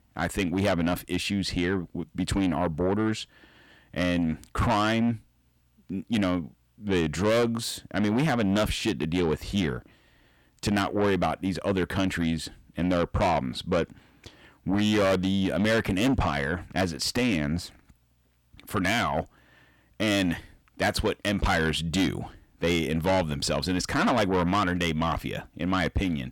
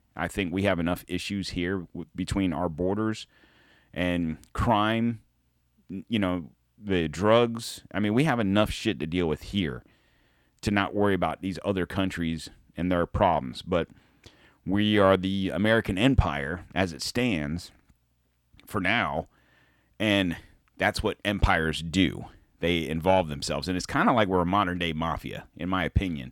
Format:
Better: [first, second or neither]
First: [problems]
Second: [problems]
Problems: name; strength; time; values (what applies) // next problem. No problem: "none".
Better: second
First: distortion; heavy; 7 dB below the speech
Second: none